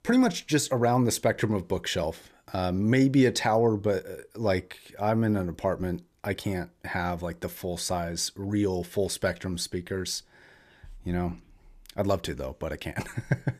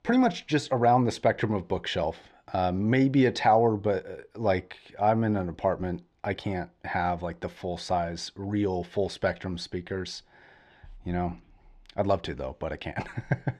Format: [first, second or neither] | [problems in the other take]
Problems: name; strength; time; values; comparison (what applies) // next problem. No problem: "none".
first | muffled; slightly; fading above 3.5 kHz